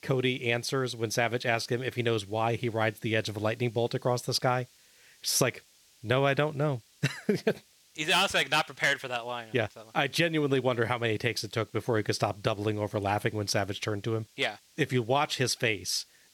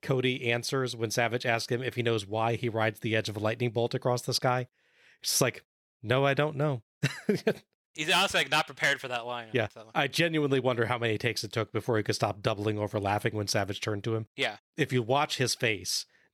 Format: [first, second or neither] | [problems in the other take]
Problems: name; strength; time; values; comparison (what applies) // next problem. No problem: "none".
second | hiss; faint; throughout; 30 dB below the speech